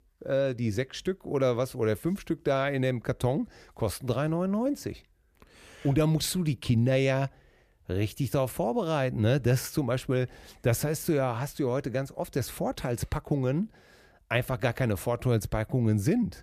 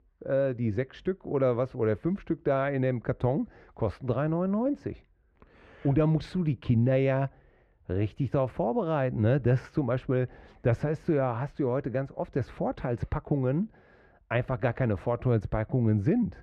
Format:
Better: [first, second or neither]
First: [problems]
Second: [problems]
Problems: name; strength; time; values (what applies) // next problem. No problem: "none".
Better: first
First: none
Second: muffled; very; fading above 2 kHz